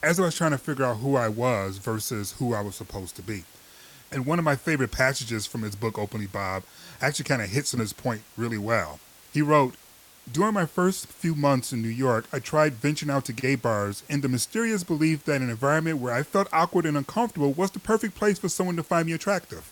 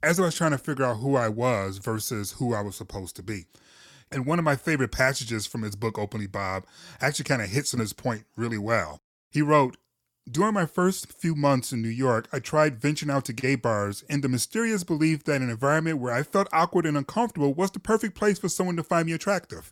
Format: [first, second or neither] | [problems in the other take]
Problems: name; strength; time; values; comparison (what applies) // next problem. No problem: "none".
second | hiss; faint; throughout; 25 dB below the speech